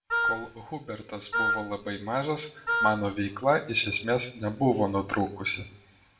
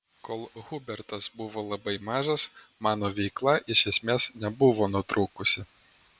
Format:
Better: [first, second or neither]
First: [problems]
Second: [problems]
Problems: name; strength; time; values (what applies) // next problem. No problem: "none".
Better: second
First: background sound (Wind instrument, woodwind instrument); as loud as the speech // room echo; dies away in 0.7 s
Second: none